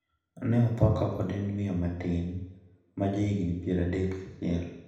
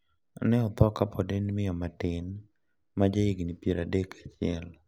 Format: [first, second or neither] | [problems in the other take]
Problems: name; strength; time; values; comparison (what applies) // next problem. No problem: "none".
second | room echo; dies away in 0.8 s